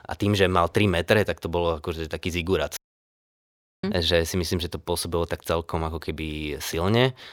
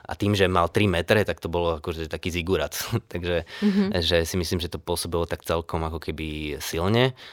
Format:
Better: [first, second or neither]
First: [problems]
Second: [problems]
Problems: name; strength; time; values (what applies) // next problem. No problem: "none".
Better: second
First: audio cutting out; at 3 s for 1 s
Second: none